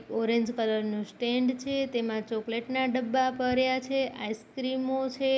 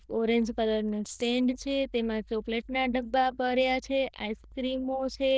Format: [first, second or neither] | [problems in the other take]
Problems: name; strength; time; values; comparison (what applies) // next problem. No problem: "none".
first | noise reduction (neural diffusion model UNIVERSE++)